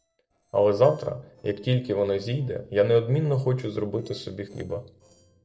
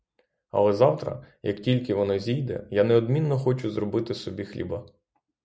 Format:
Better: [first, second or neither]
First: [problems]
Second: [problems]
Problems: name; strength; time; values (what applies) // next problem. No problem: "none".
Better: second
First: noise reduction (neural separator model SepFormer DNS4)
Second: none